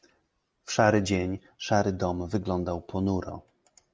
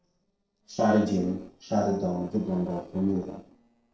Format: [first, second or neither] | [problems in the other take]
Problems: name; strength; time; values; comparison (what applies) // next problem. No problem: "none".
first | noise reduction (neural separator model SepFormer DNS4)